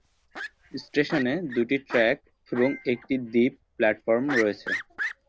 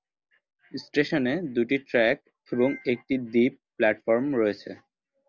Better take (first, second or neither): second